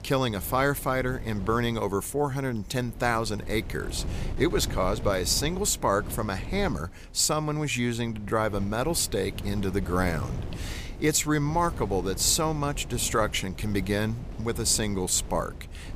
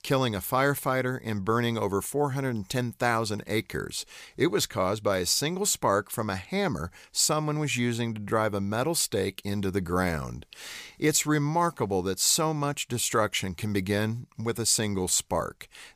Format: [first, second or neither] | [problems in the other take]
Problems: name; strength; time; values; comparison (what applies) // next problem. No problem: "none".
second | wind noise on the microphone; occasional gusts; 20 dB below the speech